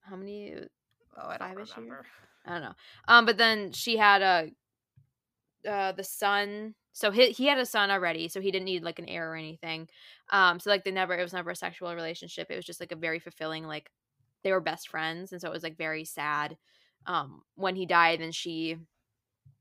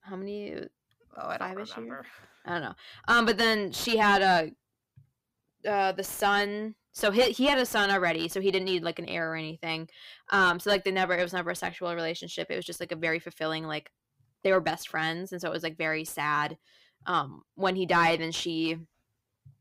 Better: first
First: none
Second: distortion; heavy; 6 dB below the speech

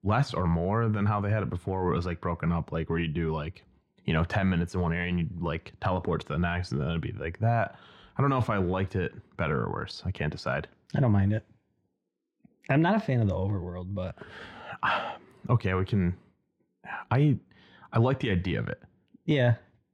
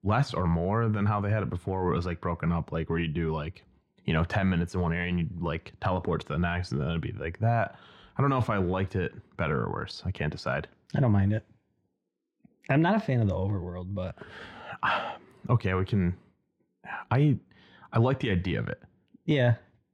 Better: neither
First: muffled; very; fading above 2 kHz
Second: muffled; very; fading above 2 kHz

